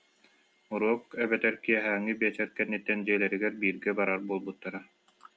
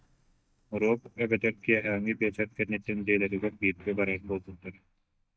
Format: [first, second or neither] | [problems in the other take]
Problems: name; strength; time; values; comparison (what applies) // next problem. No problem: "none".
first | noise reduction (neural mask model DeepFilterNet 3)